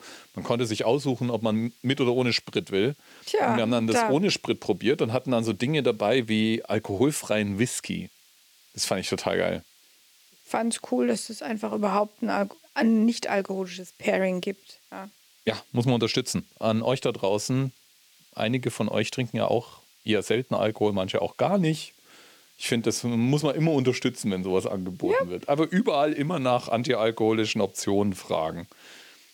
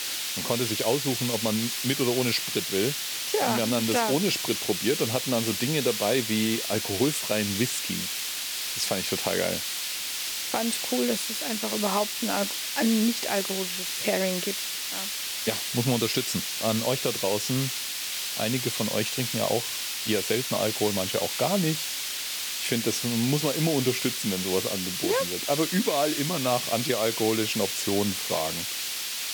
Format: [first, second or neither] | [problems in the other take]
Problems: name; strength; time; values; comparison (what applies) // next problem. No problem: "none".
first | hiss; loud; throughout; 1 dB below the speech; faint in the first